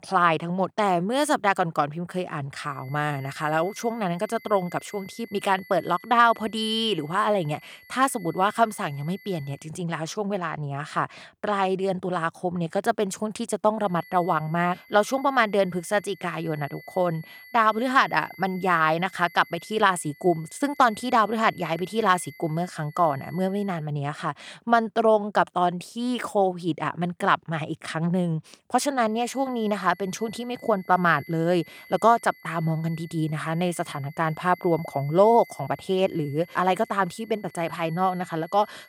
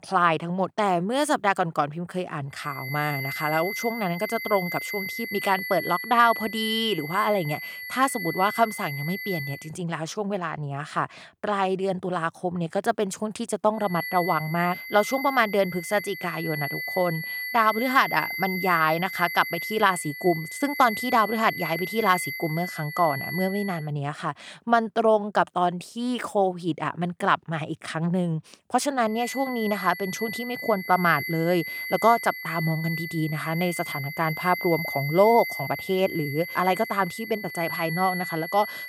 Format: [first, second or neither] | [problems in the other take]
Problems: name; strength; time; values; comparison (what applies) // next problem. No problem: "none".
first | high-pitched whine; loud; from 2.5 to 9.5 s, from 14 to 24 s and from 29 s on; 2 kHz, 7 dB below the speech; faint in the first